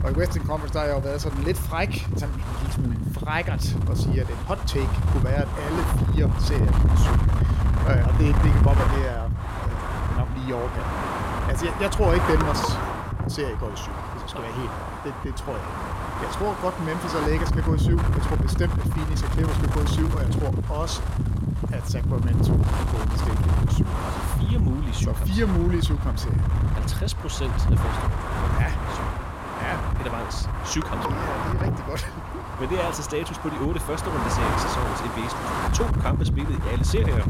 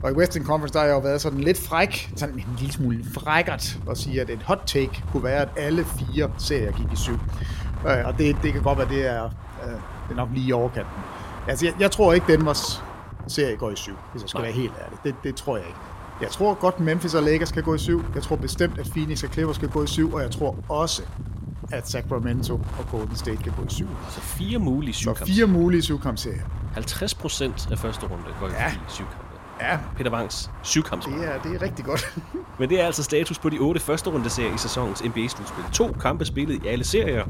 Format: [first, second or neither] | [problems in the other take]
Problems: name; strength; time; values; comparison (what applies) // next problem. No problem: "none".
second | wind noise on the microphone; heavy; 1 dB above the speech; occasional gusts in the second